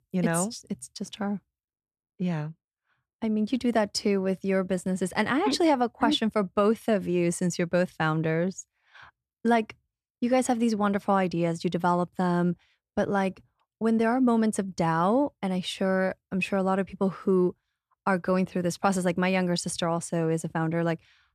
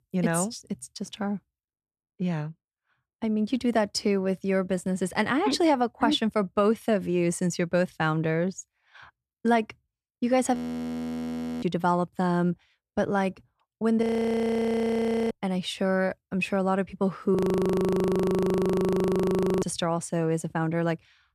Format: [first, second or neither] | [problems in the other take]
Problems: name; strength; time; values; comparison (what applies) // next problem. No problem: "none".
first | audio freezing; at 11 s for 1 s, at 14 s for 1.5 s and at 17 s for 2.5 s